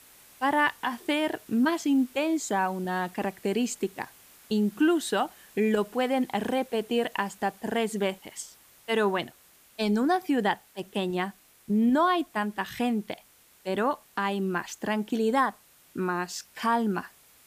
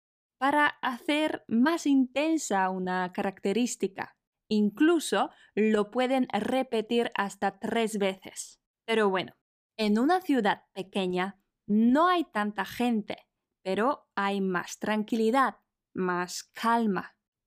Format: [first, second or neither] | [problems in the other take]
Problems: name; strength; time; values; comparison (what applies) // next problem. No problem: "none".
second | hiss; faint; throughout; 25 dB below the speech